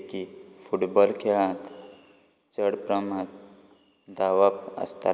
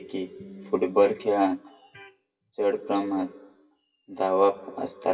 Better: first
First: none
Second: noise reduction (classical method WPE with log-MMSE)

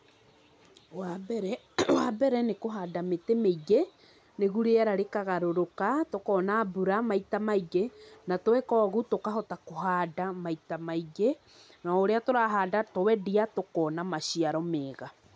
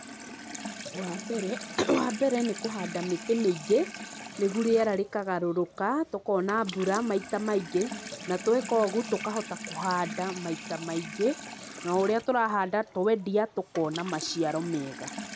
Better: first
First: none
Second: background sound (Sink (filling or washing) / Water tap, faucet); 12 dB below the speech

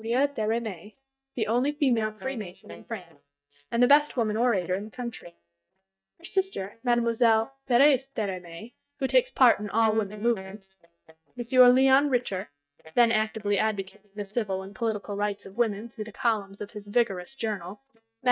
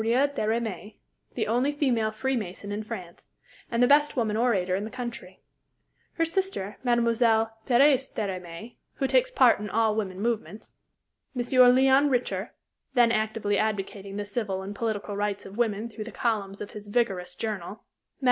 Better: second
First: noise reduction (neural mask model DeepFilterNet 3)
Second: none

